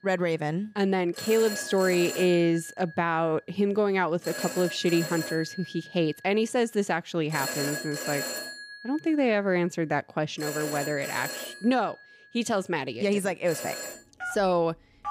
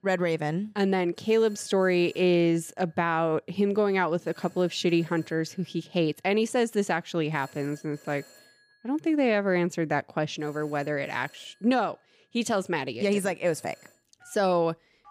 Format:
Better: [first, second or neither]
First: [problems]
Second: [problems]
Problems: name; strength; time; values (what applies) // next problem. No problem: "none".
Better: second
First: alarms or sirens; loud; throughout; 8 dB below the speech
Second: alarms or sirens; faint; throughout; 30 dB below the speech